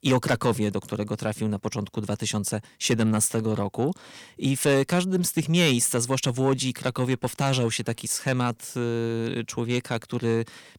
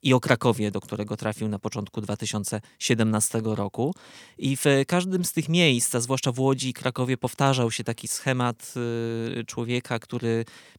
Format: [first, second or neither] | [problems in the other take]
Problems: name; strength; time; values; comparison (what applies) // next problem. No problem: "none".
second | distortion; slight; 10 dB below the speech